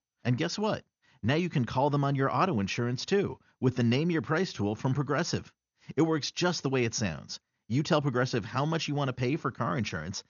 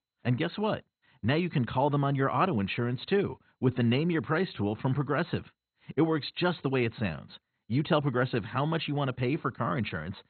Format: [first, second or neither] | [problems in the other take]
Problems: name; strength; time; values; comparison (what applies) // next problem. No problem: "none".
first | garbled, watery; badly; nothing above 4 kHz; slightly in the first